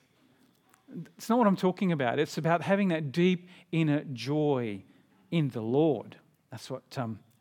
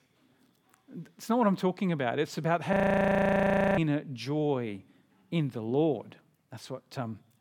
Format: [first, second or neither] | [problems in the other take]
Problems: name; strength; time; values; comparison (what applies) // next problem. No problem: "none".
first | audio freezing; at 2.5 s for 1 s